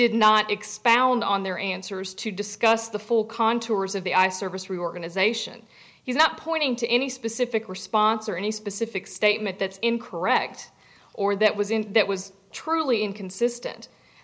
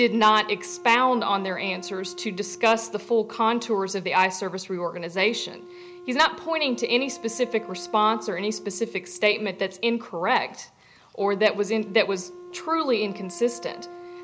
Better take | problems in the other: first | background sound (Wind instrument, woodwind instrument); 18 dB below the speech

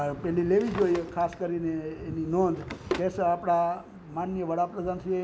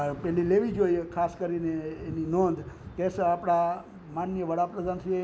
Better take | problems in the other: second | background sound (Drawer open or close); 15 dB below the speech

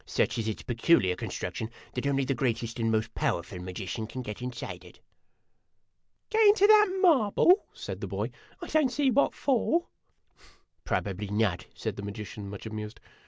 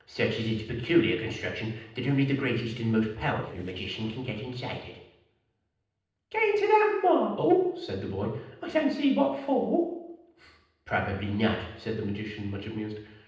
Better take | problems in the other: first | noise reduction (neural separator model SepFormer DNS4)

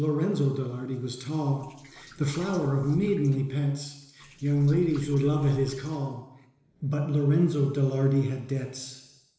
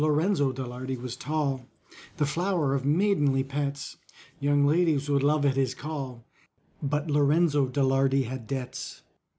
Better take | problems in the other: second | noise reduction (neural separator model SepFormer DNS4)

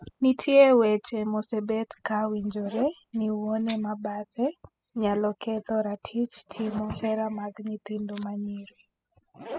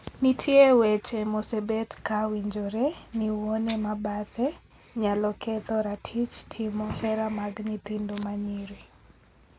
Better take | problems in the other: second | noise reduction (classical method spectral subtraction)

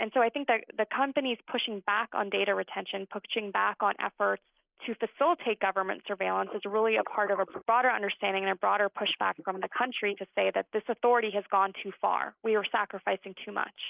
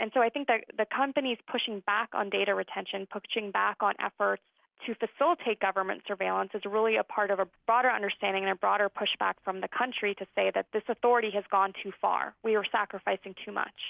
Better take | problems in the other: second | noise reduction (neural mask model Resemble Enhance denoiser)

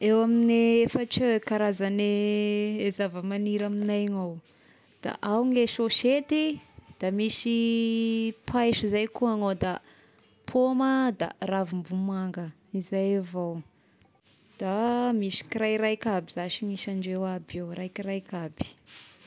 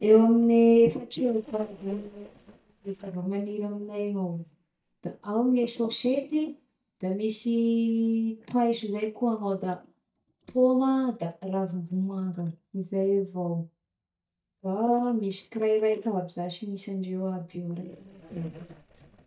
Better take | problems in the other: first | noise reduction (neural mask model DeepFilterNet 3)

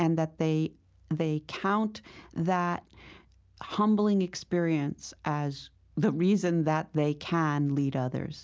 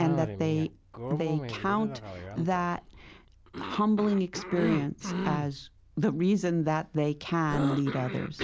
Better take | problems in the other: first | background sound (Cough); 7 dB below the speech

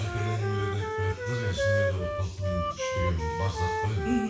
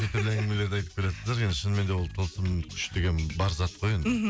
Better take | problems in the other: second | background sound (Wind instrument, woodwind instrument); 2 dB below the speech // room echo; dies away in 0.7 s

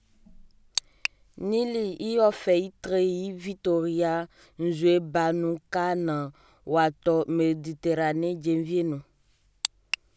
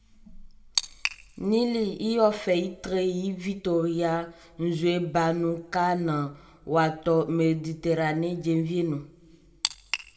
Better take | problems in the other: first | room echo; dies away in 0.6 s

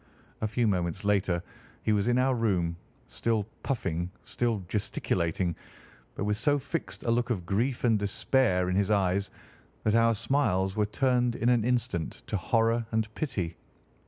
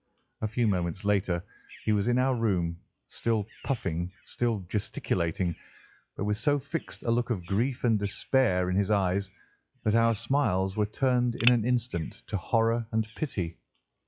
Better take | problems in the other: first | noise reduction (classical method log-MMSE)

